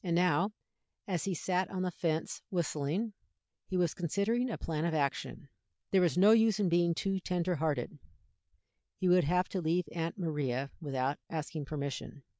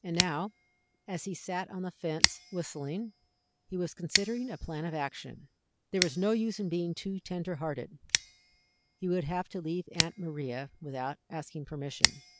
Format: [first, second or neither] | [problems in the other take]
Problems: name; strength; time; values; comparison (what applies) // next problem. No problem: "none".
first | background sound (Scissors); 1 dB below the speech